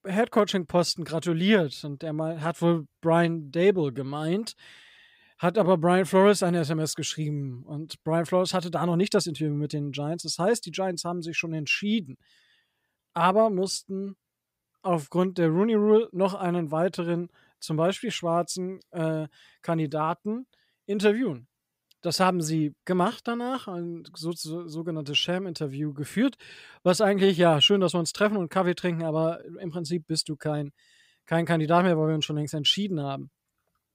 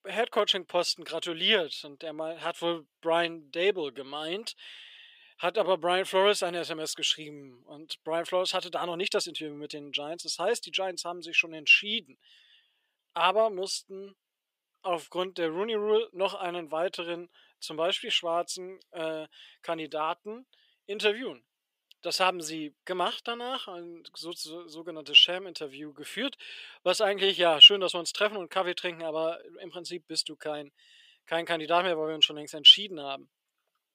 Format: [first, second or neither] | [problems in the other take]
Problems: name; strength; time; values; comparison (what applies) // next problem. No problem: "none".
first | thin; somewhat; fading below 500 Hz